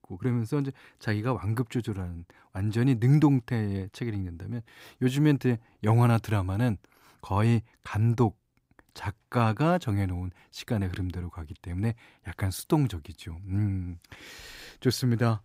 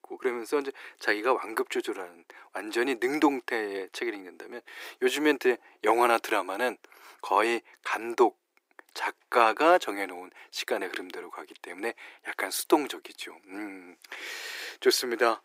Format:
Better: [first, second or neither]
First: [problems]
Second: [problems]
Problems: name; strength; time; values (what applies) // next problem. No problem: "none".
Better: first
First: none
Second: thin; very; fading below 350 Hz